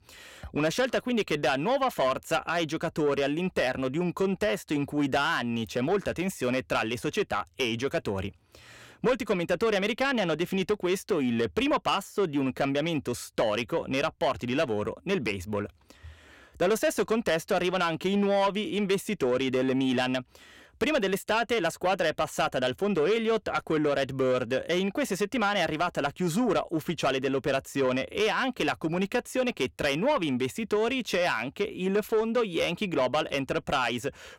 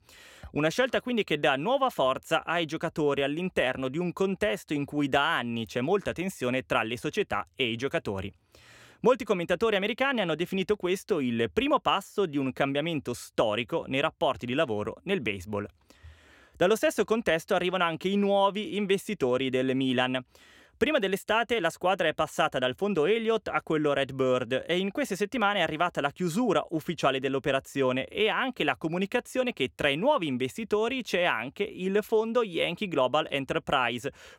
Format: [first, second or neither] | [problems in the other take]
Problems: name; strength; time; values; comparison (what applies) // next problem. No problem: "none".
second | distortion; slight; 10 dB below the speech